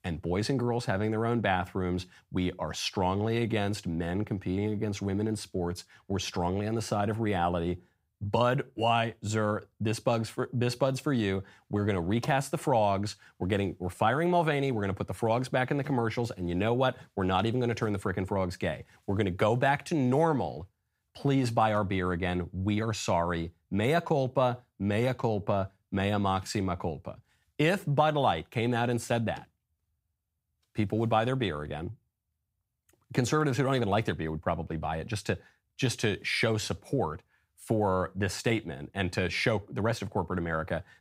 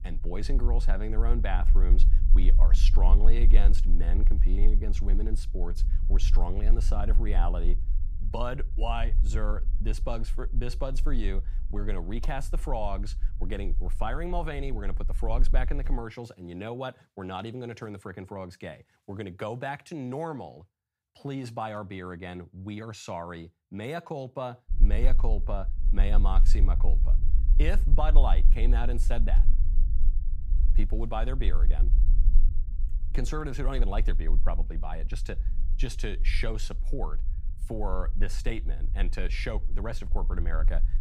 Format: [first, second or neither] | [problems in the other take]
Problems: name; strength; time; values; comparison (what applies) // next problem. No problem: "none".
first | low rumble; noticeable; until 16 s and from 25 s on; 15 dB below the speech